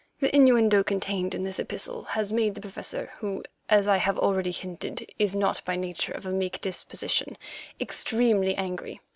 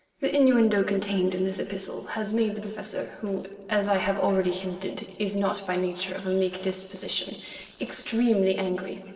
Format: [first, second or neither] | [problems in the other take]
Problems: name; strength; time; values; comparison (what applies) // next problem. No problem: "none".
first | noise reduction (neural separator model SepFormer DNS4)